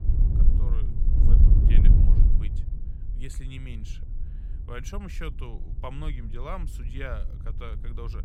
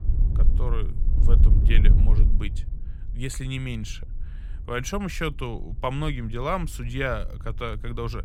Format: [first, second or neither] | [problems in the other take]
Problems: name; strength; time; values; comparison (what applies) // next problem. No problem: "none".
second | wind noise on the microphone; heavy; 1 dB above the speech; occasional gusts in the second